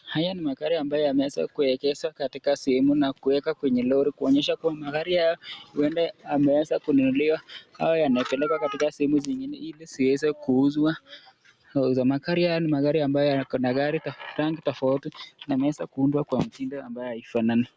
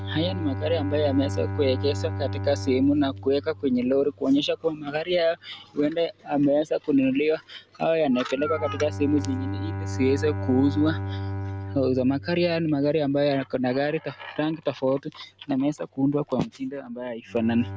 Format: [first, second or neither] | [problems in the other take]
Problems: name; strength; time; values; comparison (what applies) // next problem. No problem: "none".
first | background sound (Bowed string instrument); 9 dB below the speech